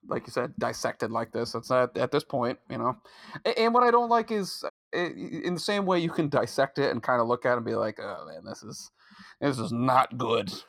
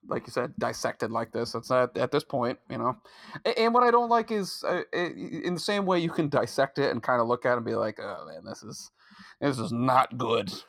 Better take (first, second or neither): second